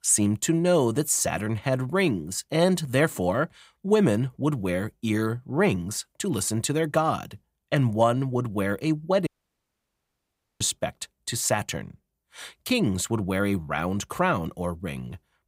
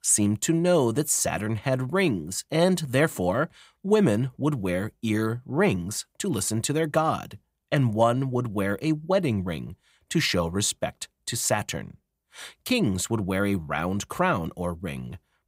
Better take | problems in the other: second | audio cutting out; at 9.5 s for 1.5 s

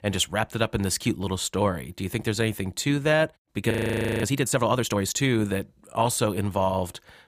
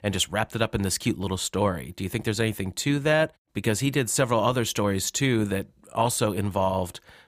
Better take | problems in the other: second | audio freezing; at 3.5 s for 0.5 s

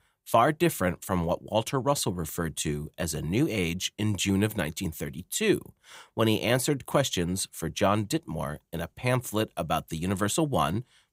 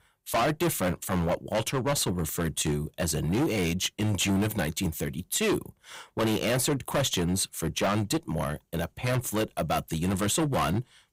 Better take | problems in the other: first | distortion; heavy; 13% of the sound clipped

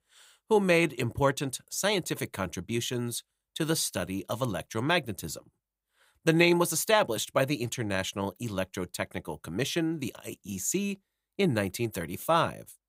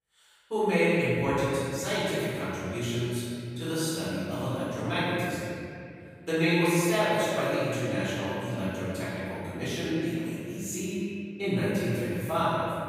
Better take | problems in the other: first | room echo; strong; dies away in 2.5 s // off-mic speech; far

